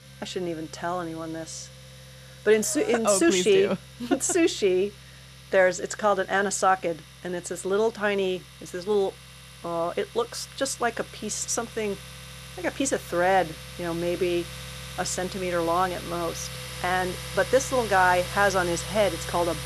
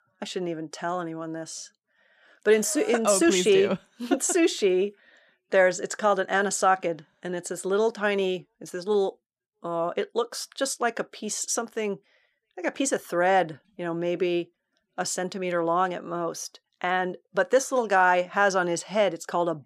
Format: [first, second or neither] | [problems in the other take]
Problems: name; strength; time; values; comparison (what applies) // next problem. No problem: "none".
second | household noises; noticeable; throughout; 15 dB below the speech